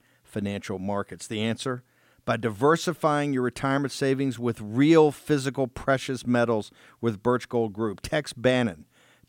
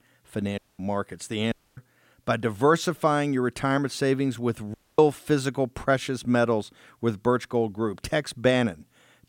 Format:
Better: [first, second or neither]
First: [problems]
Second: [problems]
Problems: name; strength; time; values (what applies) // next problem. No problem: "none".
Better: first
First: none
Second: audio cutting out; at 0.5 s, at 1.5 s and at 4.5 s